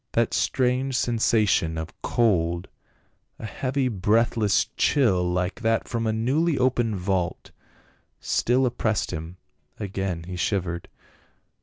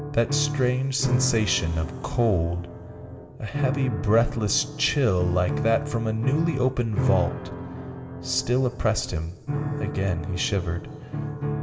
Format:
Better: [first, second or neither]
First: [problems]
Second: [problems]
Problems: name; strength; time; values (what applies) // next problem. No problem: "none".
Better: first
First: none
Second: background sound (Piano); 5 dB below the speech // room echo; dies away in 1.1 s